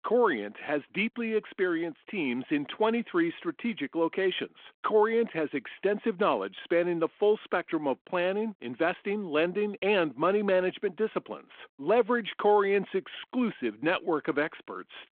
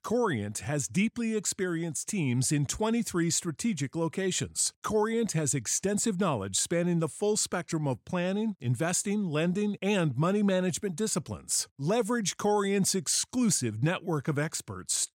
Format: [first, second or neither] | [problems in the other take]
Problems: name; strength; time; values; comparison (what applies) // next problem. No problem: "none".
second | phone-call audio